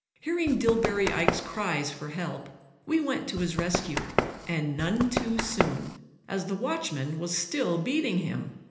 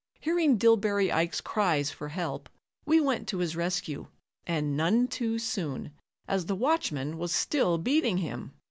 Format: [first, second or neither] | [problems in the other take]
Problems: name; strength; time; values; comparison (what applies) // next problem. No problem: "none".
second | background sound (Run); 2 dB below the speech // room echo; dies away in 1 s